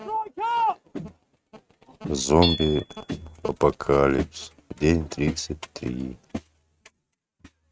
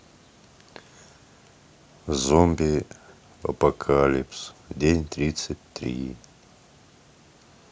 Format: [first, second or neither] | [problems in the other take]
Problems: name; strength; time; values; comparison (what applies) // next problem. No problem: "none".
second | noise reduction (neural mask model RNNoise)